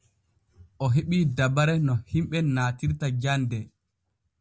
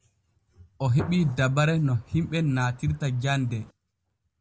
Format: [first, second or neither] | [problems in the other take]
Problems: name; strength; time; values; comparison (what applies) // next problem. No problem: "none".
first | background sound (Gunshot, gunfire); 17 dB below the speech